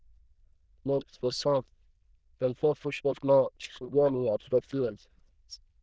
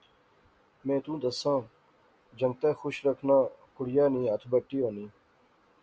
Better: second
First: noise reduction (neural diffusion model UNIVERSE++)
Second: none

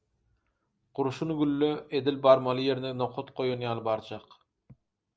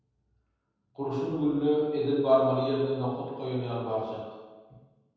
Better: first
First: none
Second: room echo; dies away in 1.2 s

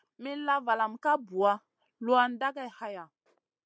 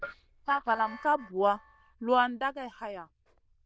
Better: first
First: none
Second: noise reduction (neural diffusion model UNIVERSE++)

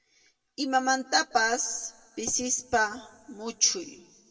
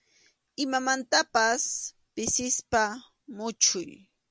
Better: second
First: room echo; dies away in 1.4 s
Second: none

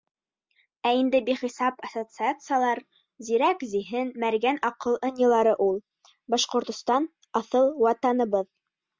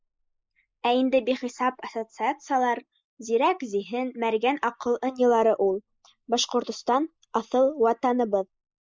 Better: first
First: none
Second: noise reduction (neural mask model Resemble Enhance denoiser)

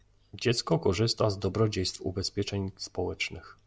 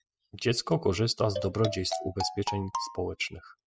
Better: first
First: none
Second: noise reduction (classical method spectral subtraction)

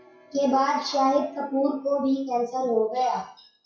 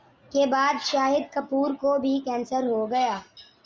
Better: second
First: noise reduction (classical method WPE with log-MMSE)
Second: none

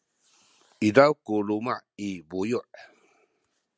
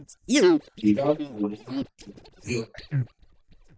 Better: first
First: none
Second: noise reduction (neural mask model DeepFilterNet 3)

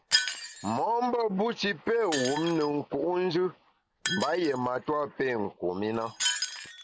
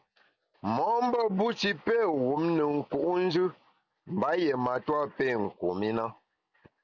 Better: second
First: background sound (Shatter); 7 dB below the speech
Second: none

